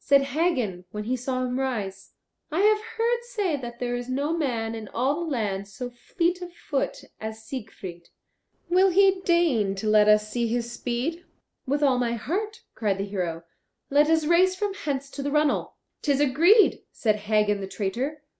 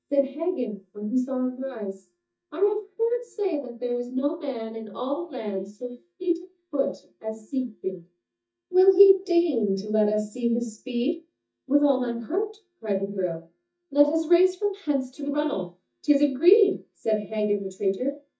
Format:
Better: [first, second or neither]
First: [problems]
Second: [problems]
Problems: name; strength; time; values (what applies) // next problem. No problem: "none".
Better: first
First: none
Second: noise reduction (neural mask model DeepFilterNet 3)